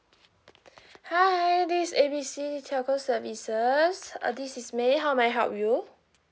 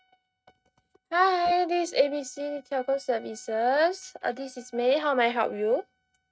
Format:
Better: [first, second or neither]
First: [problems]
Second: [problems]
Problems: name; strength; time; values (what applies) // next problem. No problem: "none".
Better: first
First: none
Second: noise reduction (neural mask model RNNoise)